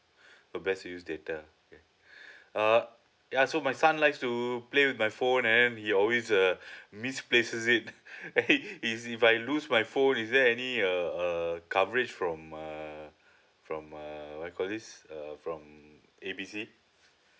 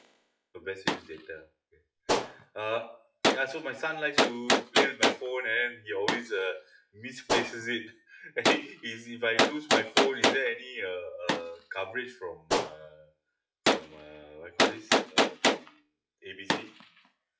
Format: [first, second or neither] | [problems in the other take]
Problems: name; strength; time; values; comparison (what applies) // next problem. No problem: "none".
first | noise reduction (classical method WPE with log-MMSE)